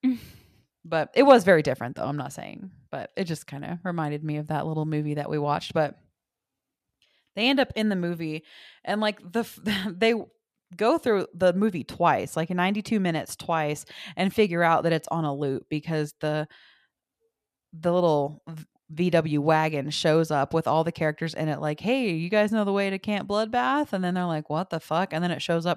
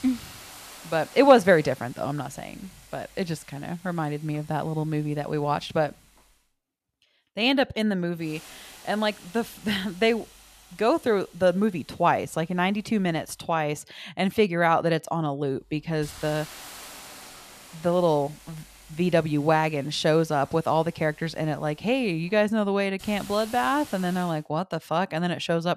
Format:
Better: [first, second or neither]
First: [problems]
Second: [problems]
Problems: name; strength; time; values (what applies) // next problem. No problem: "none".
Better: first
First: none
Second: hiss; faint; until 6.5 s, from 8.5 to 13 s and from 16 to 24 s; 20 dB below the speech